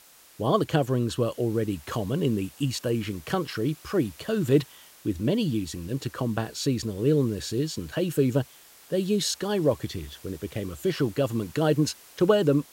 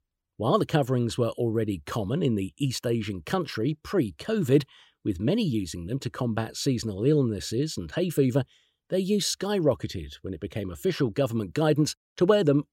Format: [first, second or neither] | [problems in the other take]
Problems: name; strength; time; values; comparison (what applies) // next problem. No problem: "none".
second | hiss; faint; throughout; 20 dB below the speech